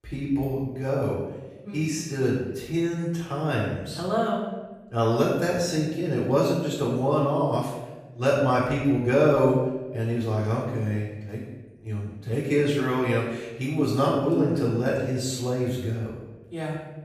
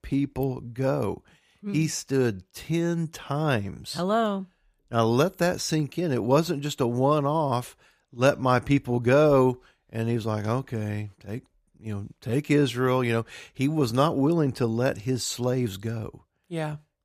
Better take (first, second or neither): second